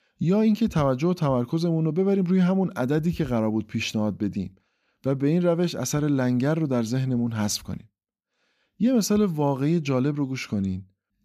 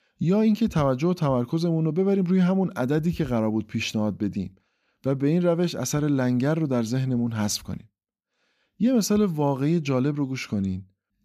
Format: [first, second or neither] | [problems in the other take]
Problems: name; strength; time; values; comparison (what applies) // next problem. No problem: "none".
neither | none